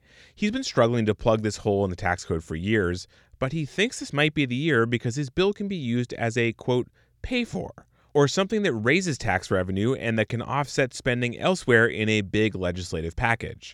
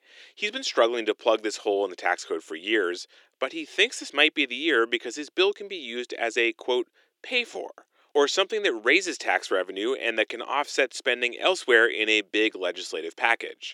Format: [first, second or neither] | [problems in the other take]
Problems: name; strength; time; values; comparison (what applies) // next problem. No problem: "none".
first | thin; very; fading below 300 Hz